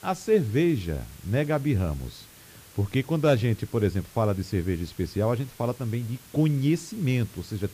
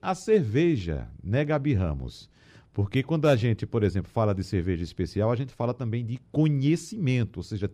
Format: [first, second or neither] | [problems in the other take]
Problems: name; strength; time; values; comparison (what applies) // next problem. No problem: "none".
second | hiss; faint; throughout; 20 dB below the speech